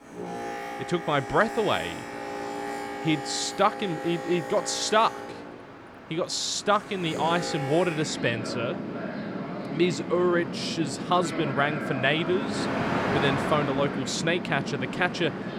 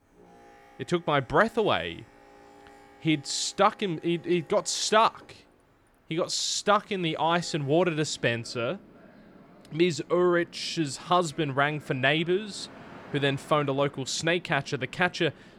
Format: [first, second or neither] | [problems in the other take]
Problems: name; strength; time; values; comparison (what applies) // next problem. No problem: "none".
second | train or aircraft noise; loud; throughout; 6 dB below the speech; faint in the second